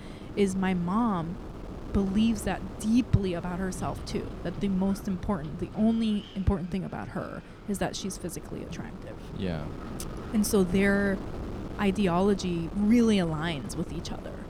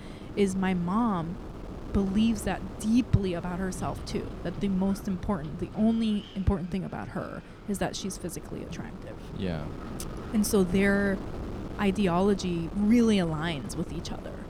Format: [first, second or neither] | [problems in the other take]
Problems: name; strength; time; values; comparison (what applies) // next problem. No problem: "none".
neither | wind noise on the microphone; occasional gusts; 10 dB below the speech; the same in both